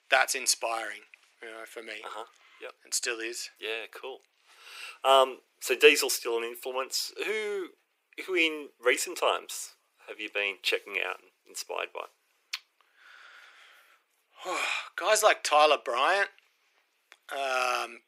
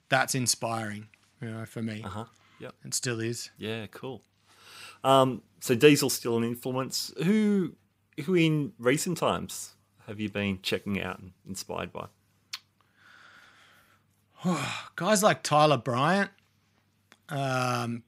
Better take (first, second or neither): second